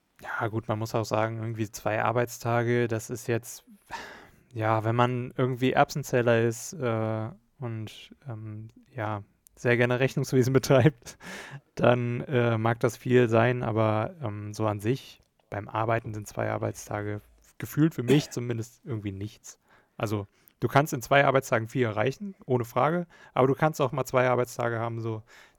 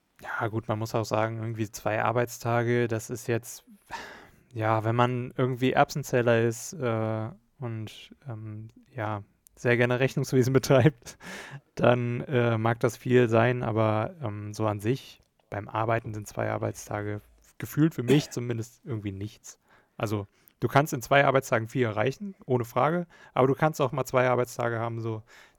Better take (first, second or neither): neither